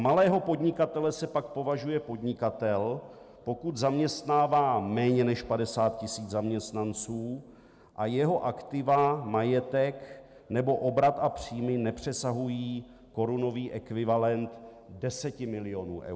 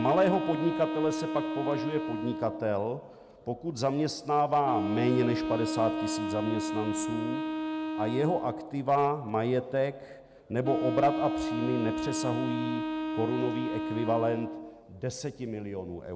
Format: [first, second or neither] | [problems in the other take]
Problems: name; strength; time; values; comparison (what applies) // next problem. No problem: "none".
first | background sound (Wind instrument, woodwind instrument); 4 dB below the speech